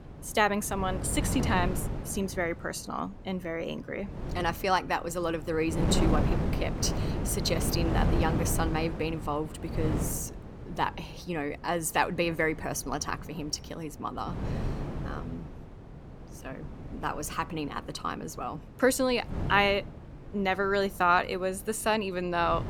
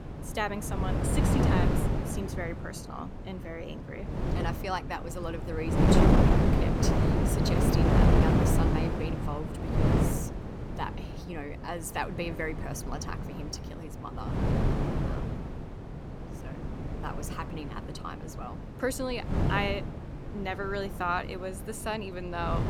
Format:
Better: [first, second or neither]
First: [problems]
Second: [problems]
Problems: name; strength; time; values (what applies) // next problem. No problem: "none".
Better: first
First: wind noise on the microphone; occasional gusts; 10 dB below the speech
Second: wind noise on the microphone; heavy; 2 dB above the speech